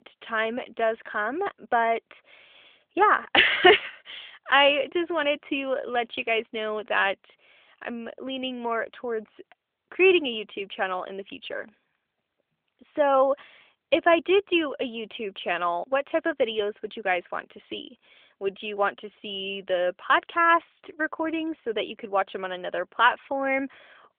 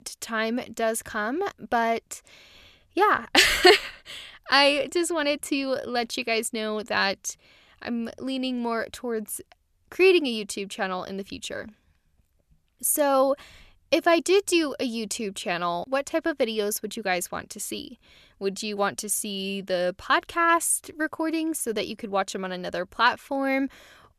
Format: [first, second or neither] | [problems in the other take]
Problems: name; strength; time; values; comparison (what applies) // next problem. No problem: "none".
second | phone-call audio; nothing above 3.5 kHz